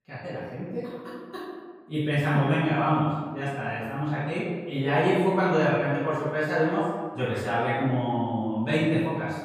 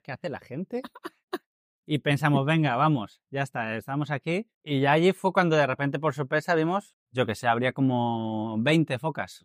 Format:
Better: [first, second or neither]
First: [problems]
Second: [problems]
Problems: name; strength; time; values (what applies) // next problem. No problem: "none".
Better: second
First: off-mic speech; far // room echo; strong; dies away in 1.3 s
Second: none